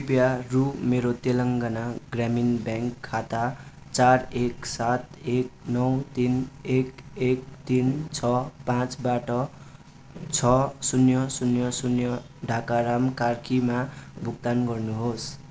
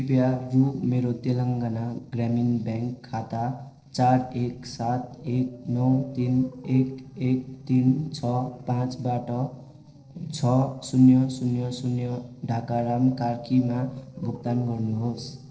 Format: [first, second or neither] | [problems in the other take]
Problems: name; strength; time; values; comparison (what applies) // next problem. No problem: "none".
first | noise reduction (neural separator model SepFormer DNS4)